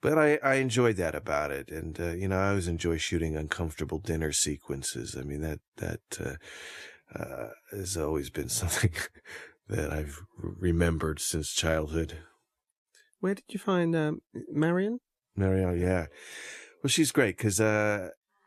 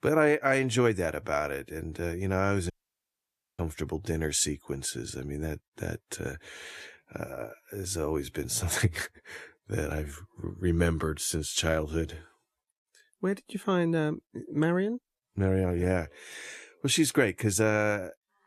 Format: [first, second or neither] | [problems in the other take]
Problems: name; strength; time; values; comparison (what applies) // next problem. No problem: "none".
first | audio cutting out; at 2.5 s for 1 s